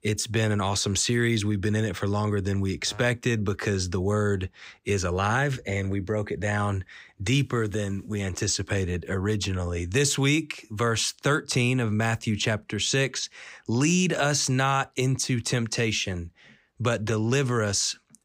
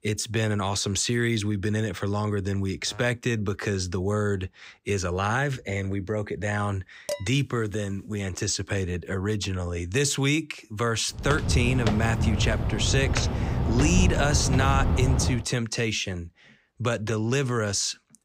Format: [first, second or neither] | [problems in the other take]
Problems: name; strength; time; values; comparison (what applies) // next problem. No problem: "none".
first | clattering dishes; noticeable; at 7 s; peak 8 dB below the speech // footsteps; loud; from 11 to 15 s; peak 3 dB above the speech